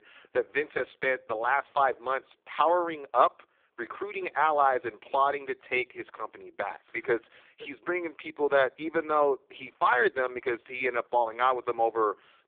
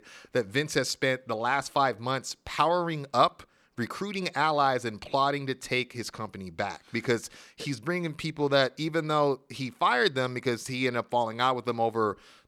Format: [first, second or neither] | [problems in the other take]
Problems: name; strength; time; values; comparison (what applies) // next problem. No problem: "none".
second | phone-call audio; poor line; nothing above 3.5 kHz